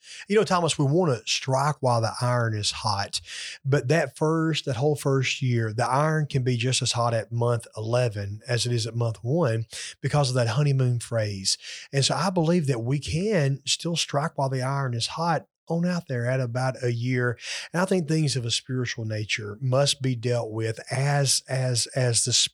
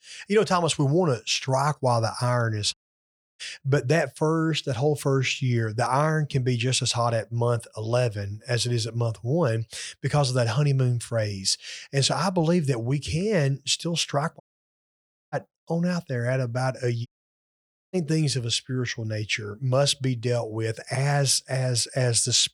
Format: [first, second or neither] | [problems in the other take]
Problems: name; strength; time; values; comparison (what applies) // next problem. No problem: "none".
first | audio cutting out; at 2.5 s for 0.5 s, at 14 s for 1 s and at 17 s for 1 s